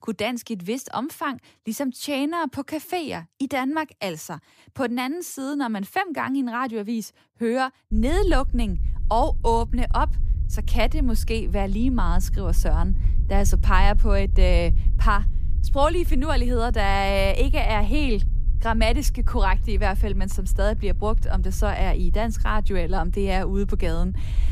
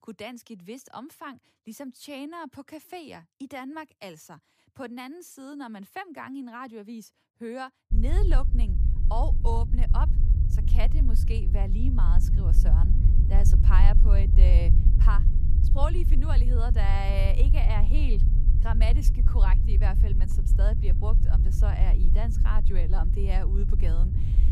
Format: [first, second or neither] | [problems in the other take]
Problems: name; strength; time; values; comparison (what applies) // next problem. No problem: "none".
first | low rumble; loud; from 8 s on; 6 dB below the speech; faint in the first